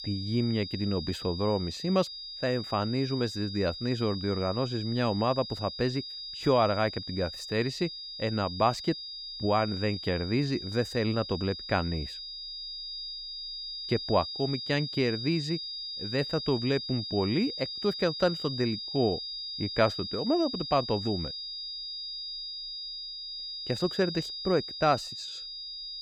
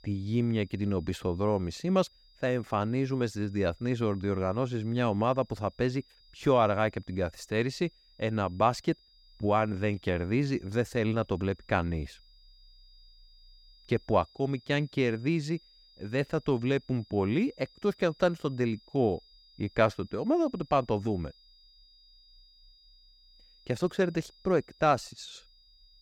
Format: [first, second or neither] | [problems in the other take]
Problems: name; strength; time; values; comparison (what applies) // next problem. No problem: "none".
second | high-pitched whine; loud; throughout; 5 kHz, 6 dB below the speech; faint in the second